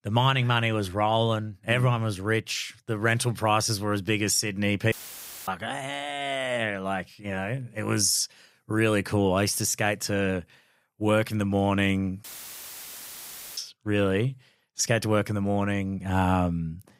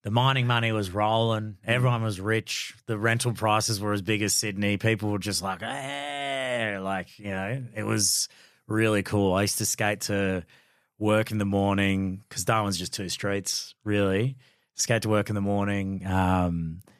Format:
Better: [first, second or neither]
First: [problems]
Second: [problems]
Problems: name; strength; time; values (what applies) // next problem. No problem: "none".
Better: second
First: audio cutting out; filled with static; at 5 s for 0.5 s and at 12 s for 1.5 s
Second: none